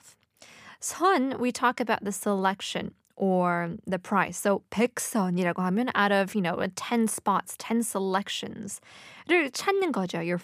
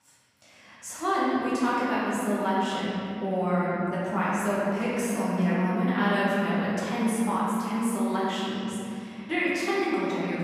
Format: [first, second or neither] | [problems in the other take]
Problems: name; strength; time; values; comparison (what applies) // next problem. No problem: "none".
first | room echo; strong; dies away in 2.9 s // off-mic speech; far